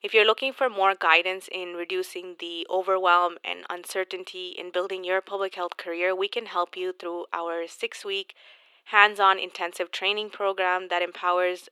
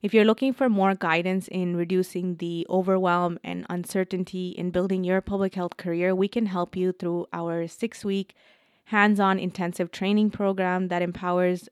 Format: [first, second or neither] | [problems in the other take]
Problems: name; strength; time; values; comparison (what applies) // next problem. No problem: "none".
second | thin; very; fading below 400 Hz